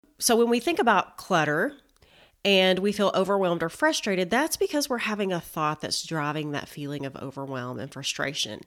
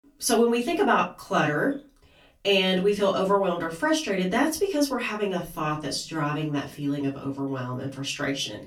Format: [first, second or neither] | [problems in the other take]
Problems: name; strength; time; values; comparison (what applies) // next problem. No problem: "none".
first | off-mic speech; far // room echo; very slight; dies away in 0.2 s